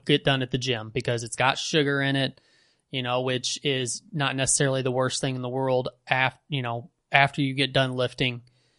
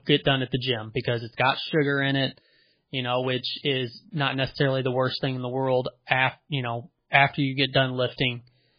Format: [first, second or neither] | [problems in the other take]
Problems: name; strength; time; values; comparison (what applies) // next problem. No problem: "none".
first | garbled, watery; badly; nothing above 4 kHz; slightly in the first